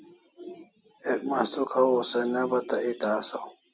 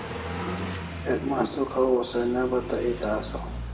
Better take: first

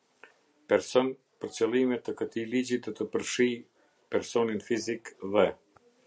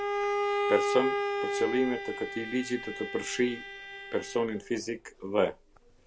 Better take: first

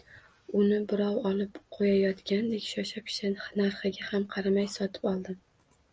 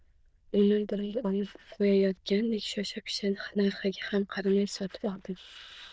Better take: first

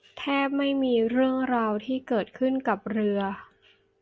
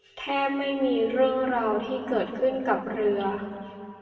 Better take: first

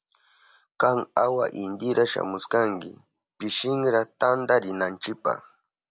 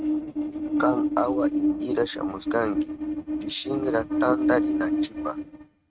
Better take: first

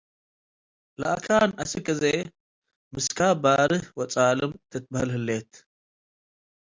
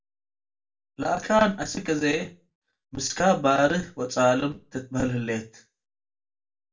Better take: first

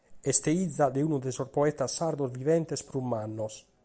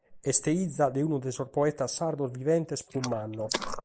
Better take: first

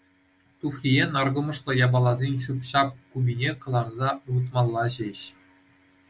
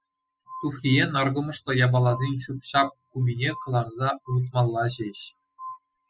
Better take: first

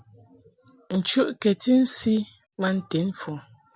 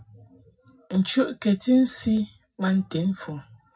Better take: first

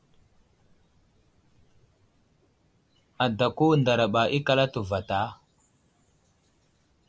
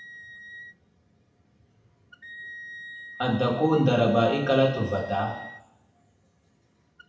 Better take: first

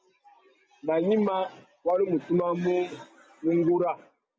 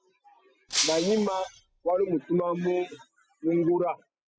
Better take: first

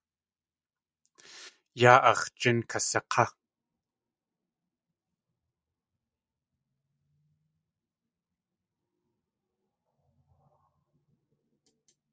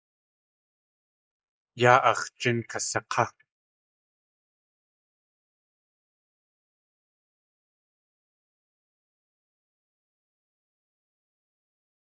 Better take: first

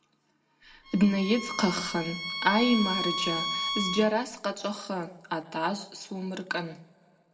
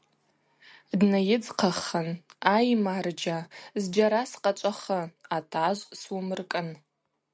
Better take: second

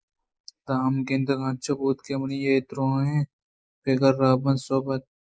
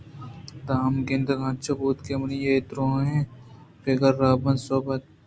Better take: second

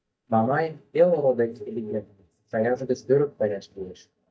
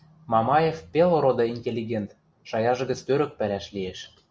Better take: second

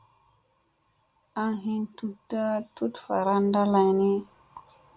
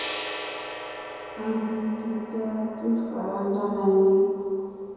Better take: first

